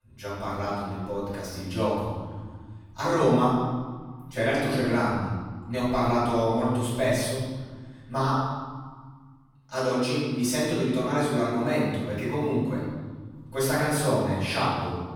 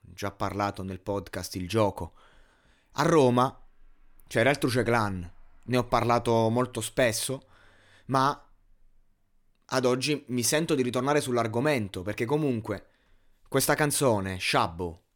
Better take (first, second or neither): second